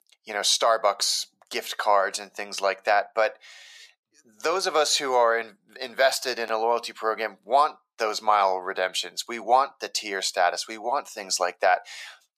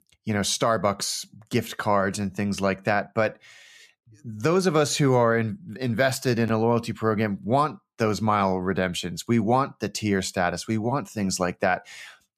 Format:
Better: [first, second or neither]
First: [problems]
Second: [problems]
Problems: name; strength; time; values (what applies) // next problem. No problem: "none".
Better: second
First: thin; very; fading below 500 Hz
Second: none